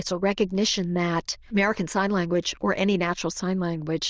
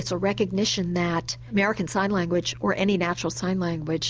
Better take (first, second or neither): second